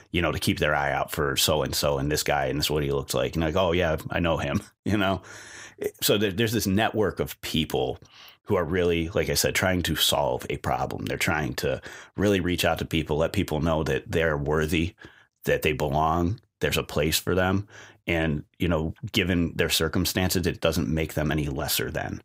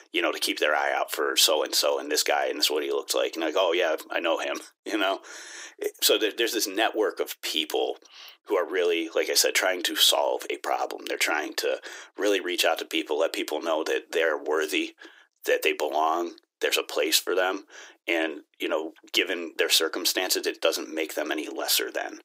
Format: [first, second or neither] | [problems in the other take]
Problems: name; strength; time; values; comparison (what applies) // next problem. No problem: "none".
first | thin; very; fading below 300 Hz